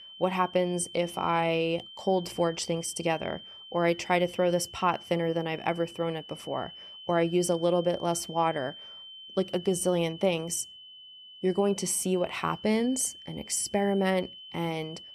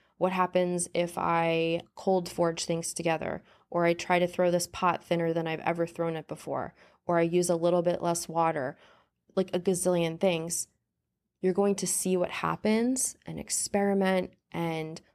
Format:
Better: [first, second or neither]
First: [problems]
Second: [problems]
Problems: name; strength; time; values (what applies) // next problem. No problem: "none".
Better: second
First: high-pitched whine; noticeable; throughout; 3 kHz, 15 dB below the speech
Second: none